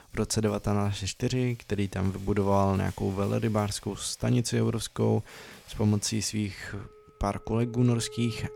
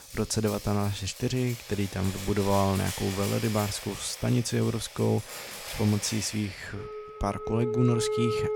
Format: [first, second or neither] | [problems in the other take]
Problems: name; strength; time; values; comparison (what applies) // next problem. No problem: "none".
first | background music; loud; throughout; 8 dB below the speech; faint in the first